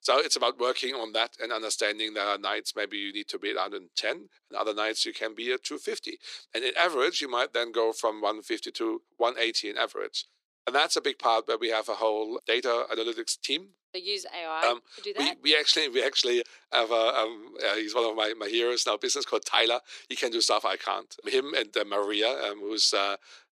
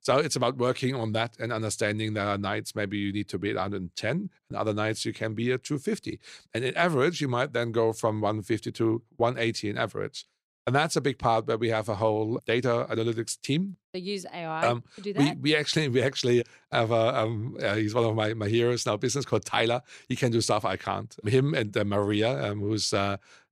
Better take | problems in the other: second | thin; very; fading below 350 Hz

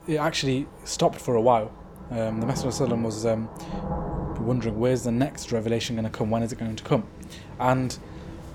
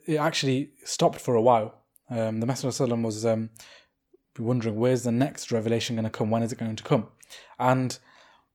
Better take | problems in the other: second | rain or running water; noticeable; throughout; 10 dB below the speech

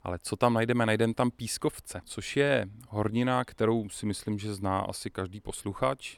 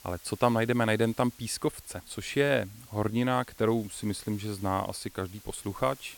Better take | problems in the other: first | hiss; faint; throughout; 20 dB below the speech

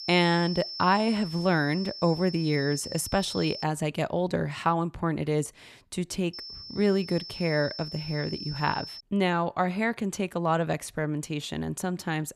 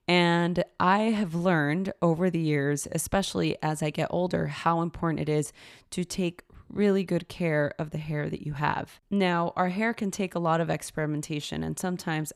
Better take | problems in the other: second | high-pitched whine; loud; until 3.5 s and from 6.5 to 9 s; 5.5 kHz, 10 dB below the speech

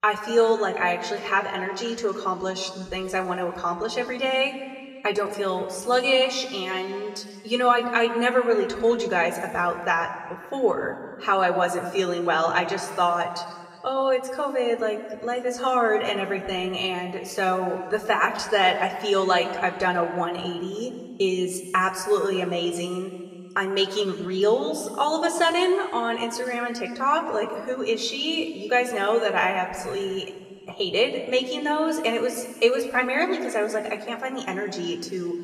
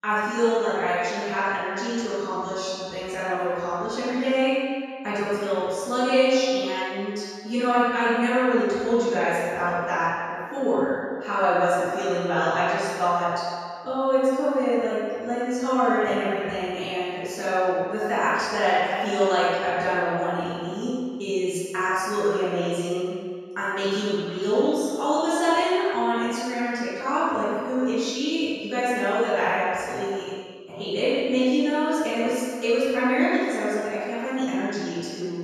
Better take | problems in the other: first | room echo; strong; dies away in 1.8 s; slight in the first // off-mic speech; far

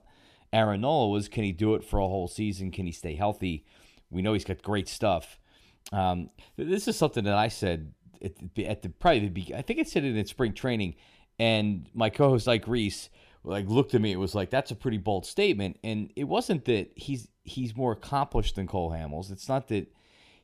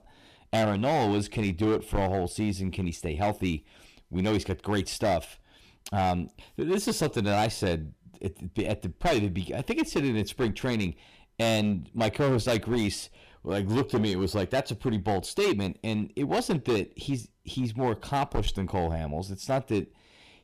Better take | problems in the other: first | distortion; heavy; 9% of the sound clipped

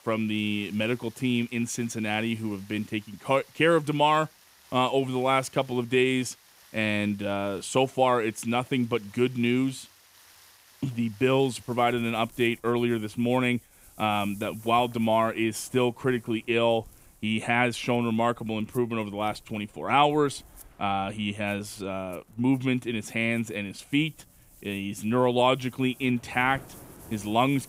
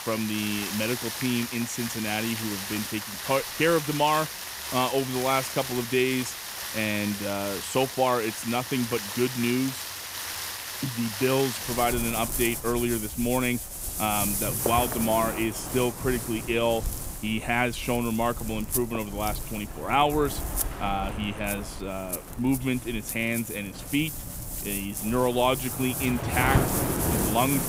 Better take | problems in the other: first | rain or running water; loud; throughout; 4 dB below the speech; faint in the first

